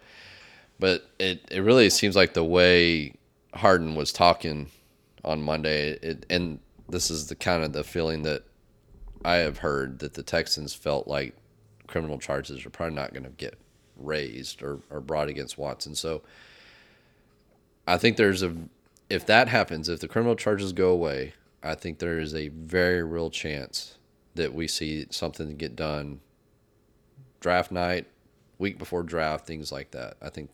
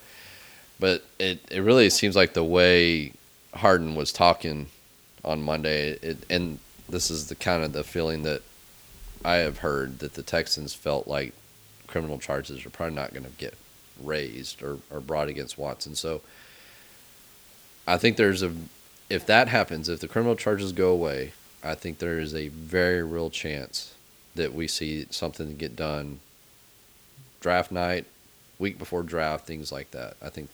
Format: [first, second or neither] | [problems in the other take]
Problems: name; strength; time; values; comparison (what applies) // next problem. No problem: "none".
first | hiss; faint; throughout; 25 dB below the speech